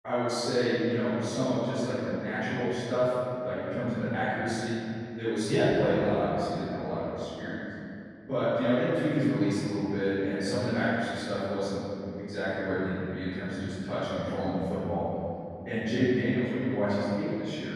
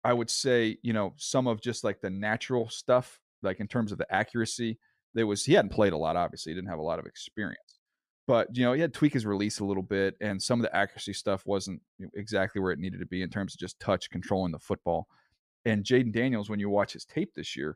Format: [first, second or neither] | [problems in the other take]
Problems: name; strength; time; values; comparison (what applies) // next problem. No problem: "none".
second | room echo; strong; dies away in 2.9 s // off-mic speech; far